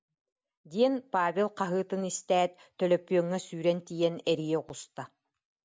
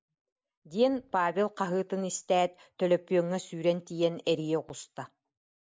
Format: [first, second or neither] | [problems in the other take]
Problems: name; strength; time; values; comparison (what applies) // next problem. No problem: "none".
first | noise reduction (neural mask model Resemble Enhance denoiser)